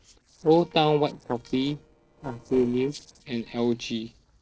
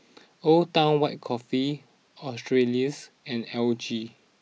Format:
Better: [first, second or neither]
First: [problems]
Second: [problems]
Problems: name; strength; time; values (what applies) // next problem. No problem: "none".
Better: second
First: noise reduction (neural separator model SepFormer DNS4)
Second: none